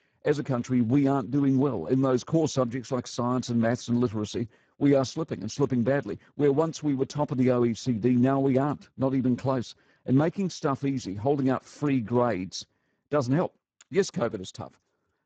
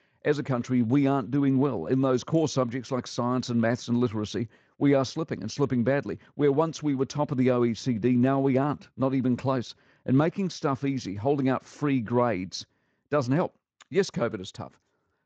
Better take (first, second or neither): second